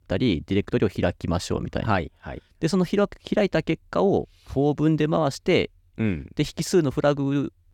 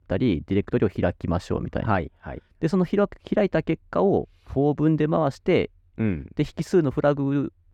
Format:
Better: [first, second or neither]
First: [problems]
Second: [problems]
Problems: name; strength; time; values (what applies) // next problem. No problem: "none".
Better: first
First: none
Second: muffled; slightly; fading above 3 kHz